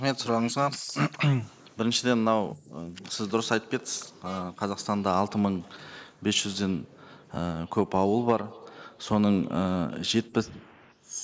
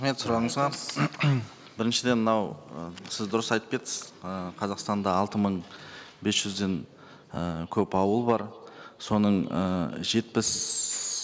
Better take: second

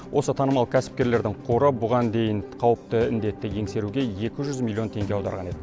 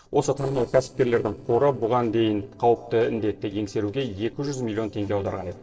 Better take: first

